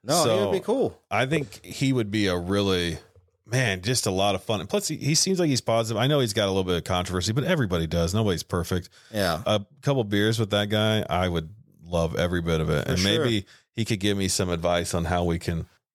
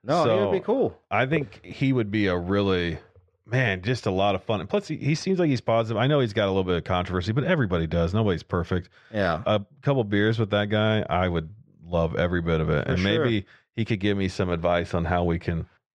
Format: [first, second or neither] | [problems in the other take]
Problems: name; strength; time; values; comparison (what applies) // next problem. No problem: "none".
first | muffled; slightly; fading above 2.5 kHz